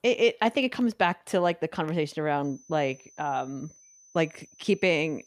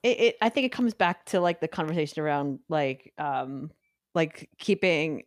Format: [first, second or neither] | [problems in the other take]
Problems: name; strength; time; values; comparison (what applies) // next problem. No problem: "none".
second | high-pitched whine; faint; from 2.5 s on; 6 kHz, 25 dB below the speech